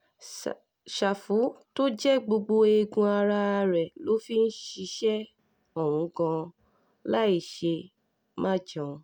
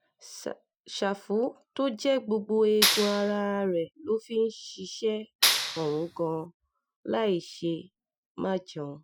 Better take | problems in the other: first | noise reduction (classical method Wiener filter)

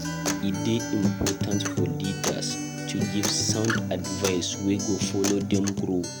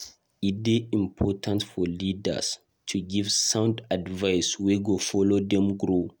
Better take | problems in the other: second | background sound (Acoustic guitar); 1 dB below the speech

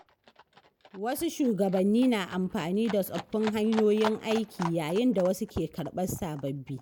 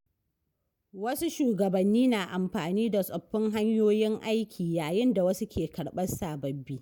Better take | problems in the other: second | background sound (Livestock, farm animals, working animals); 15 dB below the speech

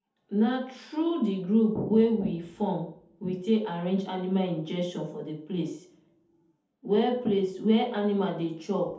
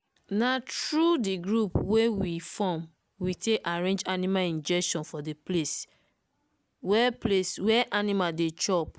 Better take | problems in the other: second | room echo; dies away in 0.6 s

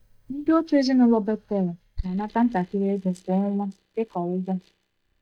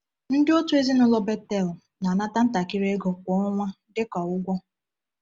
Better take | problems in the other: second | noise reduction (neural mask model DeepFilterNet 3)

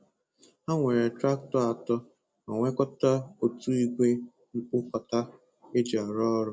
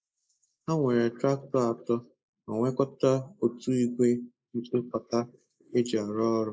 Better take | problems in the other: first | noise reduction (neural mask model Resemble Enhance denoiser)

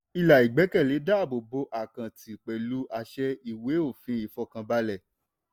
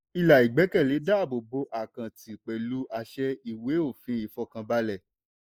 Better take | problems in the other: first | noise reduction (neural mask model Resemble Enhance denoiser)

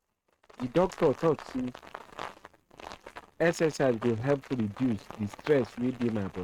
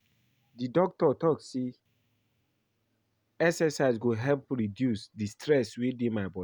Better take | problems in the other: second | noise reduction (neural mask model RNNoise)

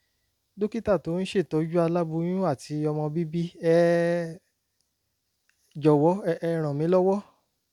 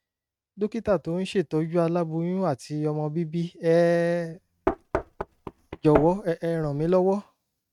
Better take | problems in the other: first | noise reduction (neural mask model RNNoise)

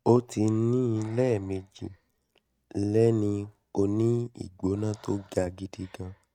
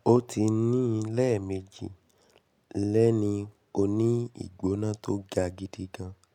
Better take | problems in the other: second | noise reduction (neural mask model RNNoise)

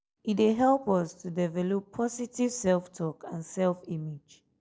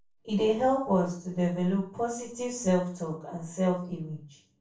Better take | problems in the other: first | room echo; dies away in 0.3 s

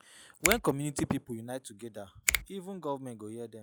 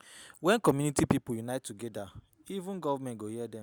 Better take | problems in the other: second | noise reduction (classical method log-MMSE)

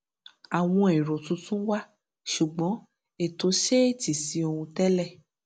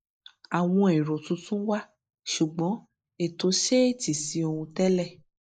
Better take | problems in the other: first | noise reduction (neural mask model Resemble Enhance denoiser)

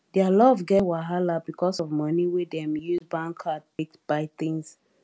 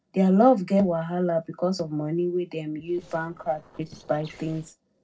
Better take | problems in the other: first | noise reduction (neural separator model SepFormer DNS4)

